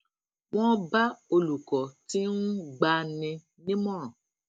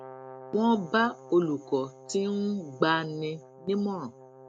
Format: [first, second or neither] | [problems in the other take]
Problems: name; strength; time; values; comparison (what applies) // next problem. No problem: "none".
first | background sound (Brass instrument); 19 dB below the speech